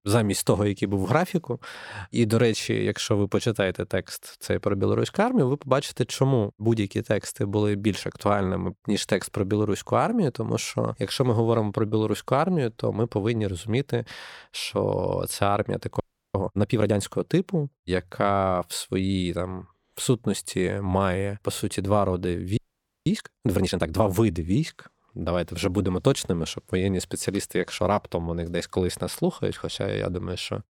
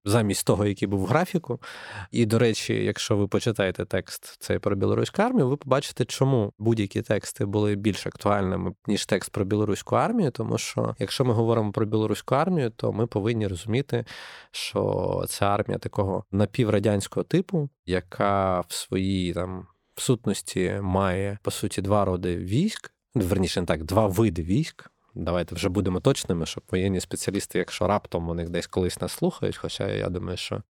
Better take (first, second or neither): second